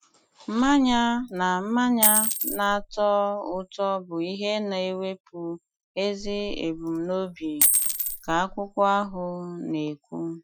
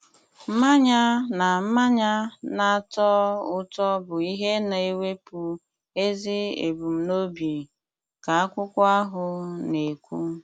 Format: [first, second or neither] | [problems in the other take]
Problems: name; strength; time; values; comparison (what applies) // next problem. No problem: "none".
second | noise reduction (classical method Wiener filter)